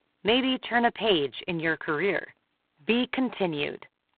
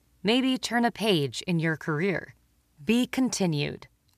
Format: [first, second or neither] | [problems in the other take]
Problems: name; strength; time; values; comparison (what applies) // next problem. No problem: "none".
second | phone-call audio; poor line